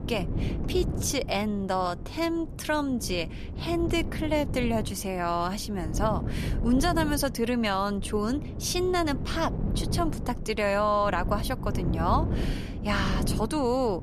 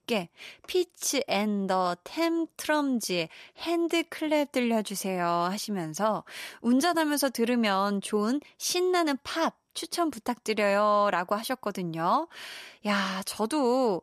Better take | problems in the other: second | wind noise on the microphone; occasional gusts; 15 dB below the speech

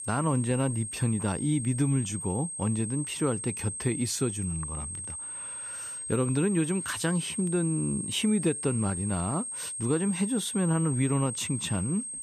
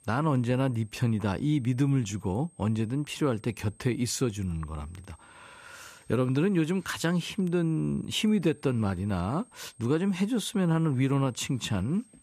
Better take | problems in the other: second | high-pitched whine; loud; throughout; 8.5 kHz, 5 dB below the speech; faint in the second

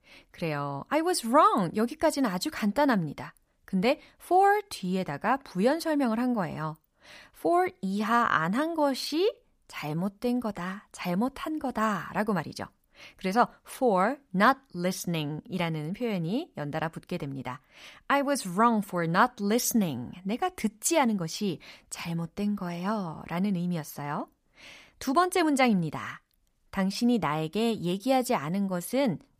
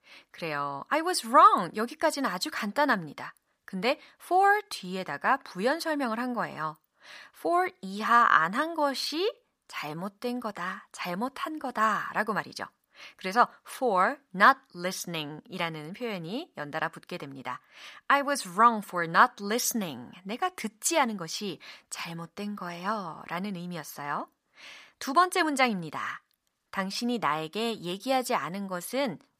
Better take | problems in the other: first | thin; somewhat; fading below 650 Hz

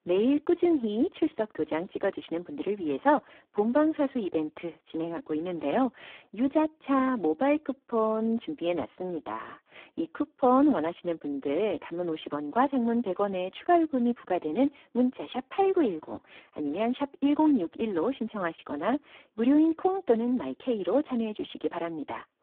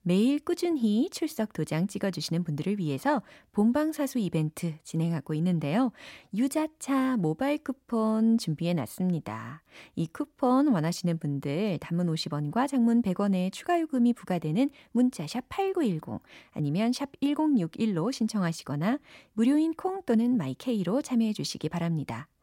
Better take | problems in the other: second | phone-call audio; poor line

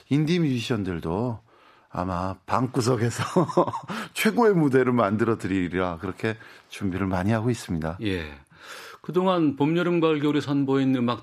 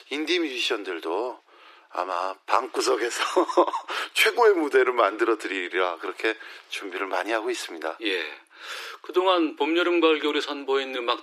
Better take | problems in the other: first | thin; very; fading below 300 Hz

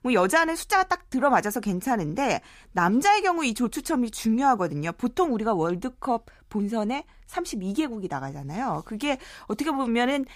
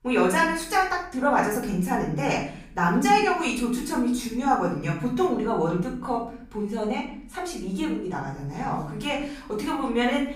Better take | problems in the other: first | room echo; noticeable; dies away in 0.6 s // off-mic speech; far

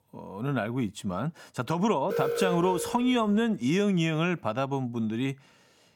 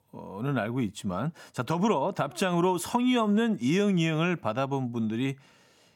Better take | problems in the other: second | alarm; noticeable; from 2 to 3 s; peak 1 dB below the speech

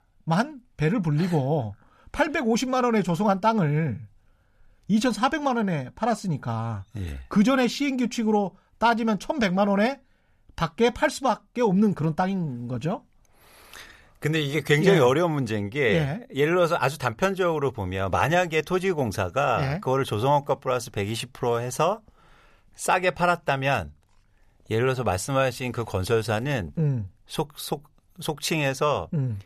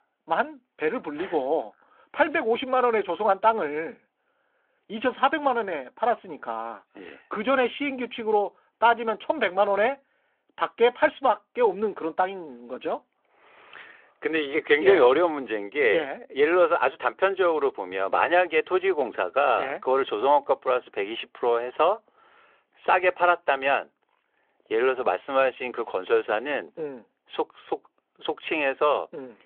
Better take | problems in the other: first | phone-call audio

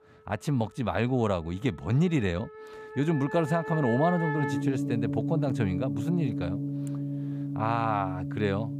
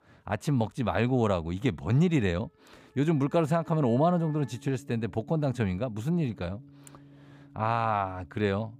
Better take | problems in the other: second | background music; loud; throughout; 4 dB below the speech; faint in the second

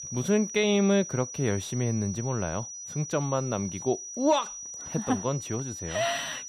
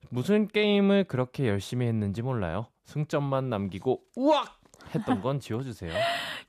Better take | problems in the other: second | high-pitched whine; loud; throughout; 6 kHz, 9 dB below the speech

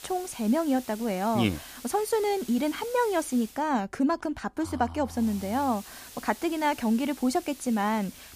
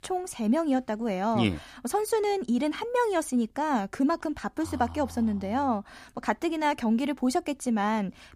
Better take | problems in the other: second | hiss; noticeable; until 3.5 s and from 5 s on; 15 dB below the speech

